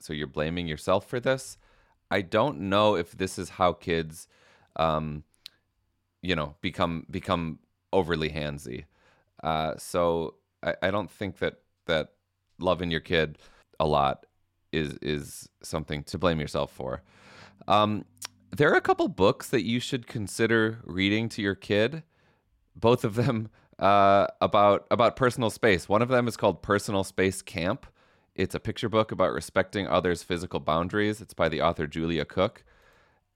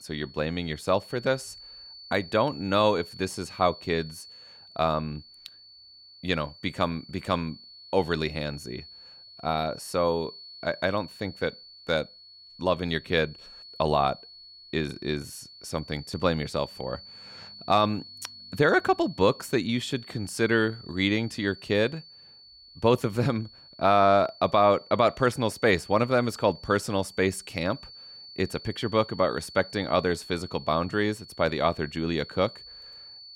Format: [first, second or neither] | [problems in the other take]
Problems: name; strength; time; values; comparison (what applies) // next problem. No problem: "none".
first | high-pitched whine; noticeable; throughout; 4.5 kHz, 20 dB below the speech